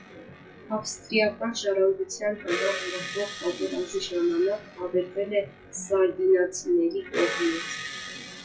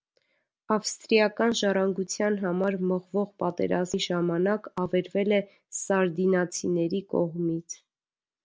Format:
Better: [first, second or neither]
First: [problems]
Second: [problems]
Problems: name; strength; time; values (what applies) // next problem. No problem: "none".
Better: second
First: noise reduction (classical method WPE with log-MMSE)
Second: none